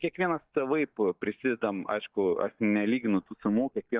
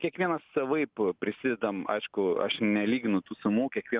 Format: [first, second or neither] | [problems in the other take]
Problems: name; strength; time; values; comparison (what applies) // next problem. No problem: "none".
second | noise reduction (neural mask model DeepFilterNet 3)